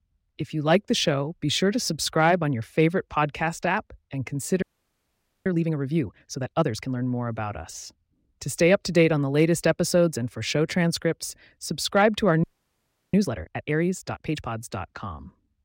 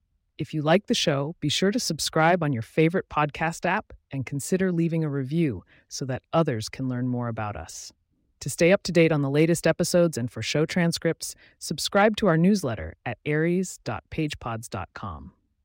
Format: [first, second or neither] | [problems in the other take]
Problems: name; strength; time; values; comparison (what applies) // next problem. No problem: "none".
second | audio freezing; at 4.5 s for 1 s and at 12 s for 0.5 s